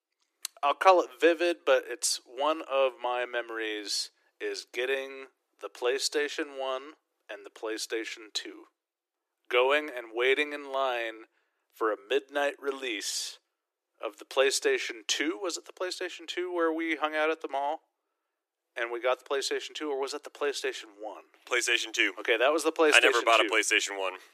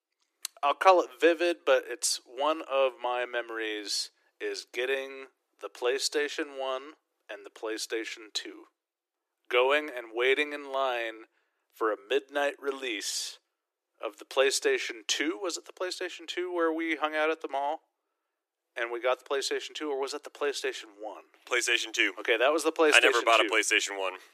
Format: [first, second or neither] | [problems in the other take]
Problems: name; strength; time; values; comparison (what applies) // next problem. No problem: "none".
neither | thin; very; fading below 300 Hz; the same in both